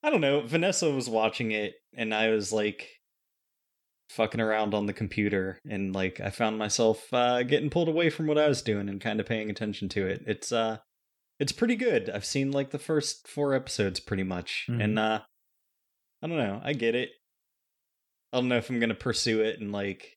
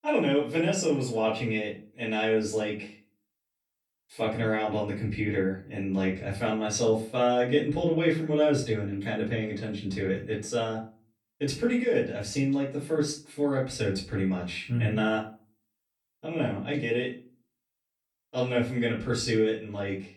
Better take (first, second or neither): first